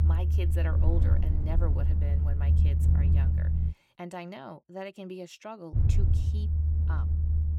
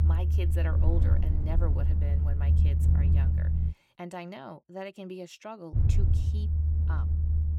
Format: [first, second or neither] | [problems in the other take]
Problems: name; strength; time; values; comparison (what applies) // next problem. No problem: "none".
neither | low rumble; loud; until 3.5 s and from 6 s on; as loud as the speech; the same in both